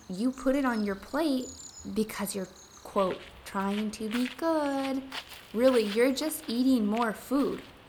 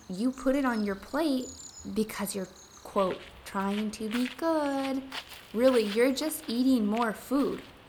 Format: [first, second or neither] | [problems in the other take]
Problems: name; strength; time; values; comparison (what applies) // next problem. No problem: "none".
neither | animal sounds; noticeable; throughout; 15 dB below the speech; the same in both